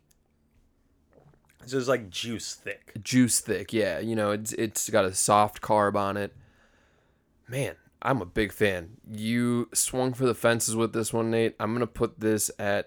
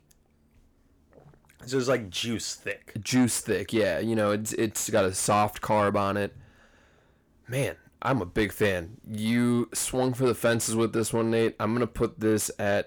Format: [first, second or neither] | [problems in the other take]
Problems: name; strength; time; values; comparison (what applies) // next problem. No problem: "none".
first | distortion; slight; 10 dB below the speech